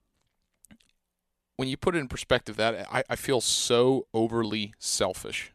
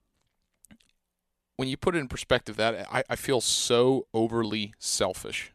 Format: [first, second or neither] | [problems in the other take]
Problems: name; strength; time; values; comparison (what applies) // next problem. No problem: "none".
neither | none